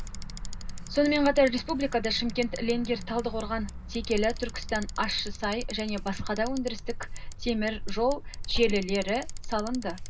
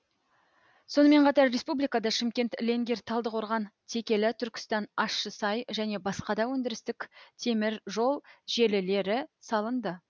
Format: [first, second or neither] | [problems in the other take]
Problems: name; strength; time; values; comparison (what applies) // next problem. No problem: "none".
second | background sound (Bicycle); 5 dB below the speech // room echo; dies away in 0.2 s